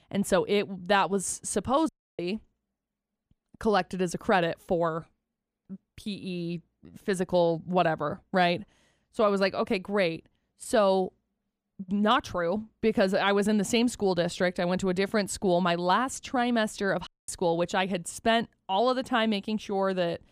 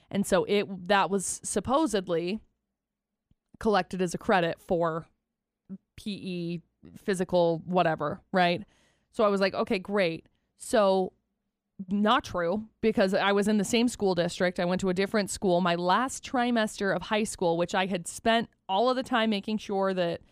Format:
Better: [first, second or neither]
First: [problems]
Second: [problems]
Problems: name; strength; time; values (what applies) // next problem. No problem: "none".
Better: second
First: audio cutting out; at 2 s and at 17 s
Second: none